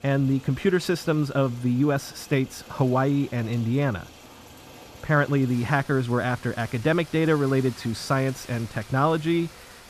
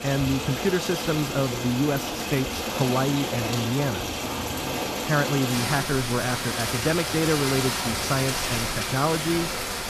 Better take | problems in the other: first | rain or running water; loud; throughout; 1 dB below the speech; faint in the first

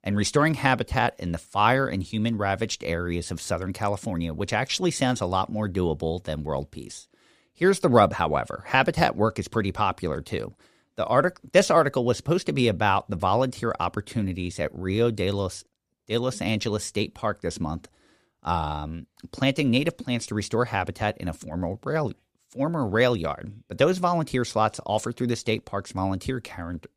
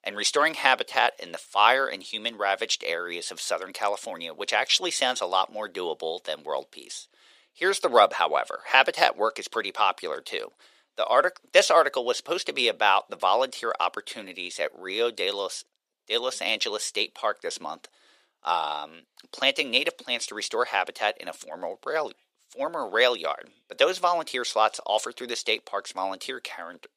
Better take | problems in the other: first | thin; very; fading below 500 Hz

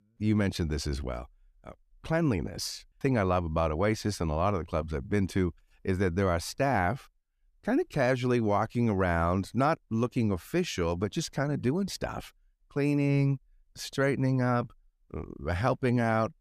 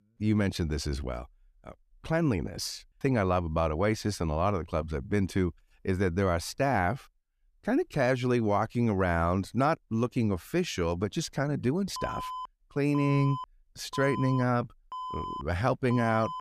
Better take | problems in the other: first | alarm; noticeable; from 12 s on; peak 8 dB below the speech

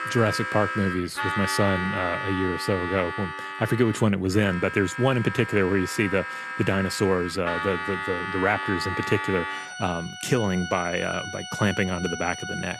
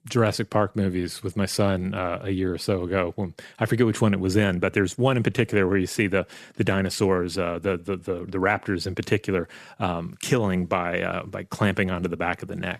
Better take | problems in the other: second | background music; loud; throughout; 5 dB below the speech

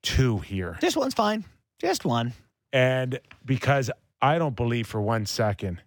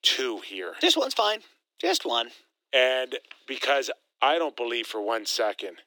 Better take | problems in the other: first | thin; very; fading below 300 Hz

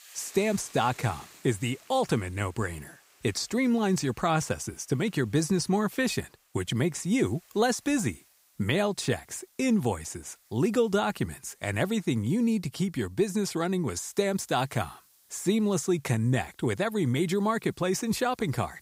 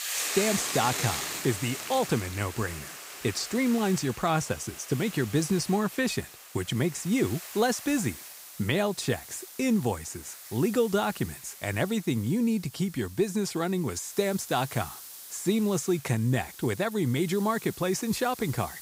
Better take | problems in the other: first | hiss; loud; throughout; 9 dB below the speech; faint in the first

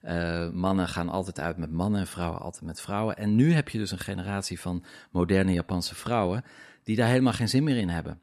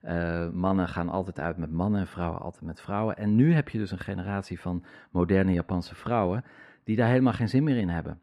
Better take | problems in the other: first | muffled; slightly; fading above 3.5 kHz

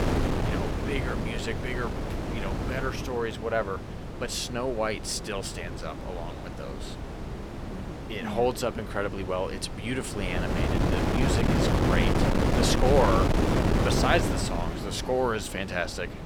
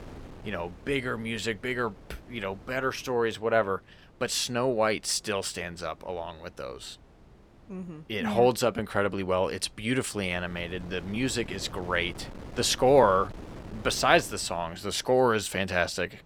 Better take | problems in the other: second | wind noise on the microphone; heavy; 2 dB below the speech; occasional gusts in the second

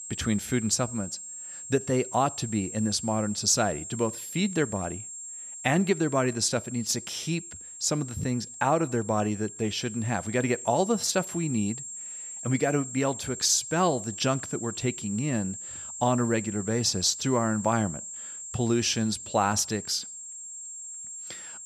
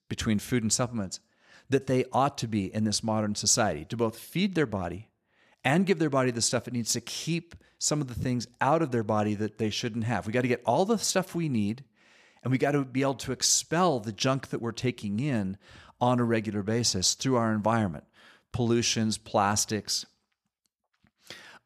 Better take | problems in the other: second | high-pitched whine; loud; throughout; 7.5 kHz, 10 dB below the speech

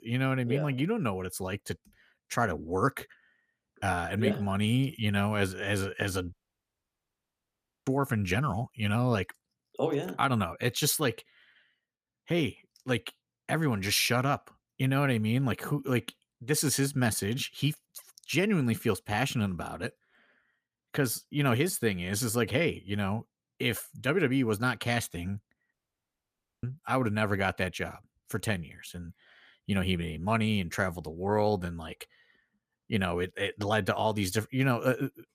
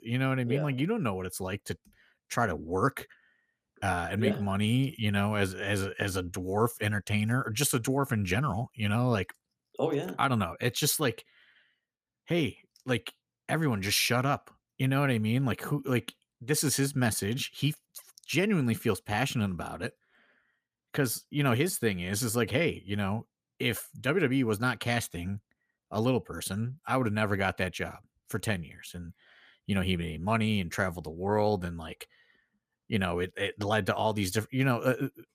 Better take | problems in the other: second | audio cutting out; at 6.5 s for 1.5 s and at 26 s for 1 s

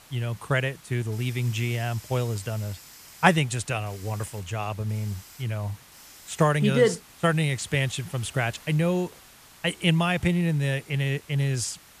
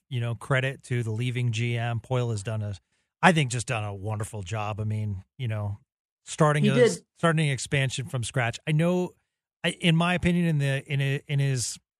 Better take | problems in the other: second | hiss; faint; throughout; 20 dB below the speech

